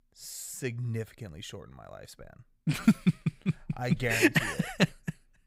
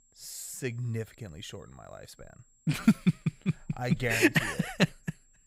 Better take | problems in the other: first | high-pitched whine; faint; throughout; 7.5 kHz, 35 dB below the speech

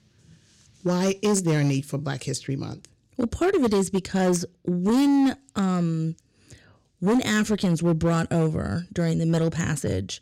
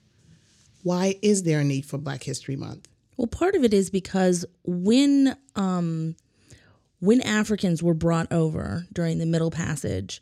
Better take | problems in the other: second | distortion; slight; 8% of the sound clipped

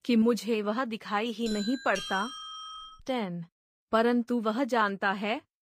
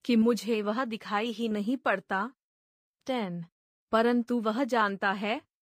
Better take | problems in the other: second | doorbell; noticeable; from 1.5 to 3 s; peak 7 dB below the speech

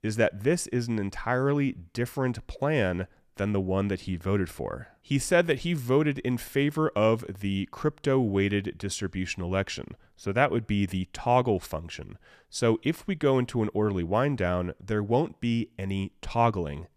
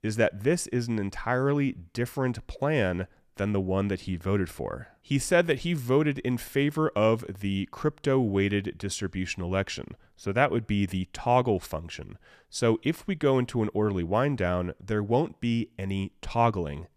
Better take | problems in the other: neither | none

